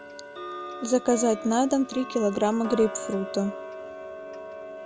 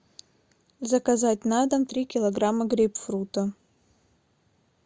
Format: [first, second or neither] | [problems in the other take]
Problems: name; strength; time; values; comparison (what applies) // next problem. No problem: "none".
second | background sound (Tick-tock); 11 dB below the speech